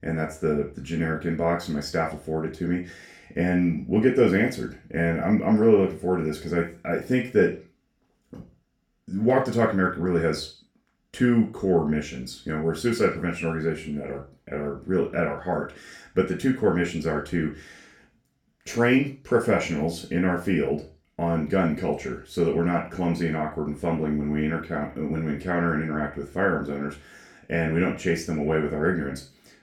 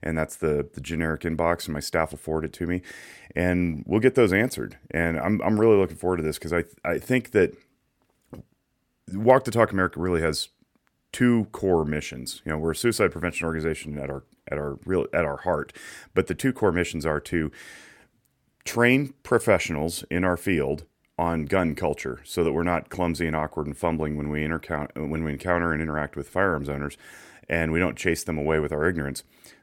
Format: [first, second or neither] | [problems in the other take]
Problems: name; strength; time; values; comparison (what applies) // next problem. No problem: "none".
second | room echo; slight; dies away in 0.3 s // off-mic speech; far